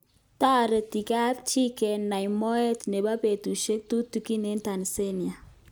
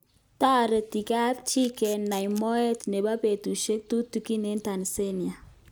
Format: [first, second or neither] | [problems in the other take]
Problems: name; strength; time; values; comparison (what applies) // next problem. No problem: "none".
first | background sound (Camera); 18 dB below the speech